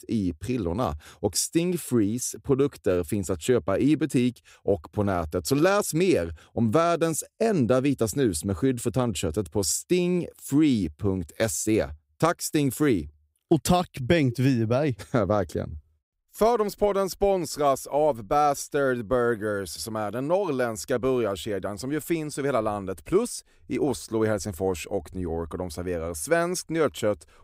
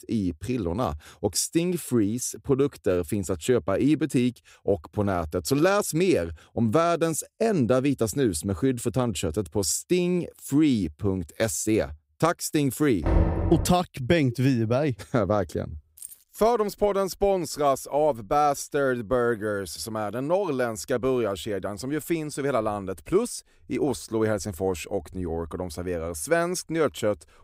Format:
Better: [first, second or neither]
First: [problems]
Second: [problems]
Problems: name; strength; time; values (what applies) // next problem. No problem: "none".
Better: first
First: none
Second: door banging; loud; at 13 s; peak 2 dB above the speech // jangling keys; faint; at 16 s; peak 15 dB below the speech